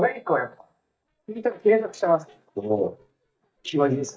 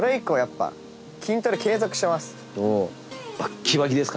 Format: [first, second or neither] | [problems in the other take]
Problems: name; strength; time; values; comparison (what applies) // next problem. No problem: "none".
second | noise reduction (neural mask model DeepFilterNet 3)